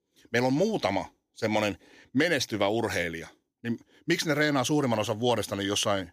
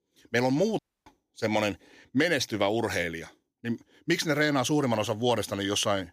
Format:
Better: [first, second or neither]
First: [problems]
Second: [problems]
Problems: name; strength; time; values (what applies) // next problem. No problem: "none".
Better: first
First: none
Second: audio cutting out; at 1 s